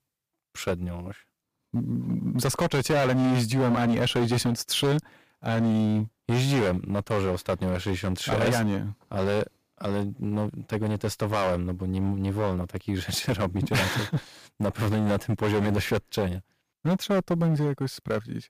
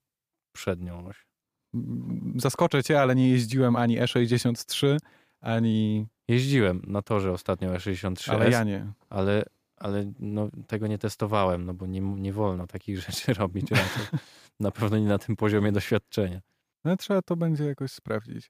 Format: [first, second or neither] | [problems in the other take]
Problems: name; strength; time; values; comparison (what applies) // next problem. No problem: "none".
second | distortion; heavy; 12% of the sound clipped